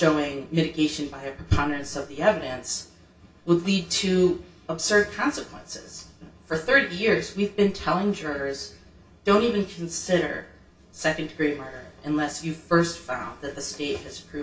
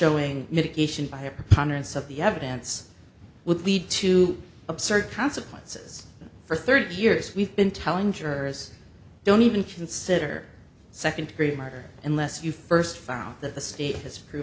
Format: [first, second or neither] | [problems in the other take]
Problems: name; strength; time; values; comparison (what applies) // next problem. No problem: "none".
second | room echo; dies away in 0.2 s